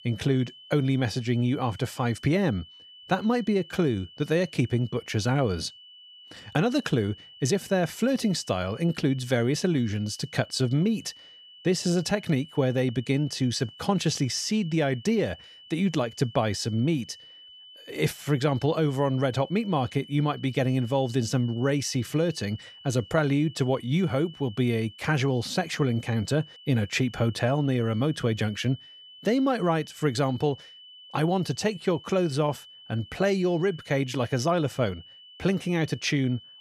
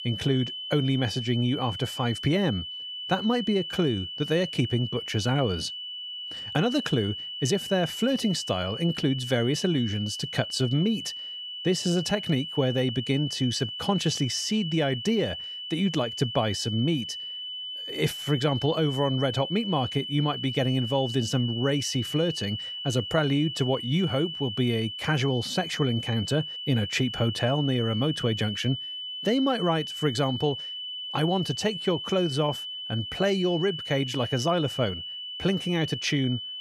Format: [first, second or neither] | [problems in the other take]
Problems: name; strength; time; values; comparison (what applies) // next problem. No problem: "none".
first | high-pitched whine; loud; throughout; 3 kHz, 6 dB below the speech; faint in the first